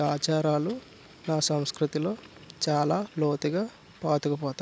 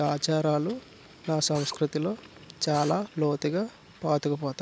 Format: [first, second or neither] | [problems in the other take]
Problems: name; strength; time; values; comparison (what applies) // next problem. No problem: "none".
first | background sound (Drill); 16 dB below the speech